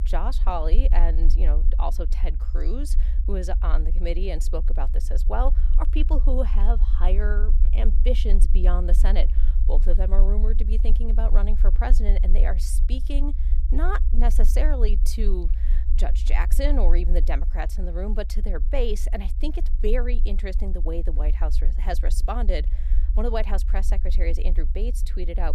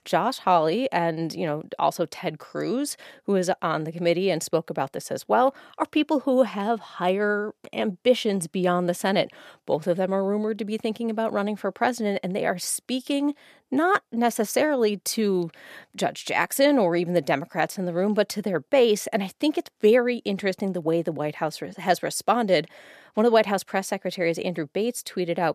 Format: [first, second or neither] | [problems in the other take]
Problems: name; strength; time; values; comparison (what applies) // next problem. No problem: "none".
second | low rumble; noticeable; throughout; 15 dB below the speech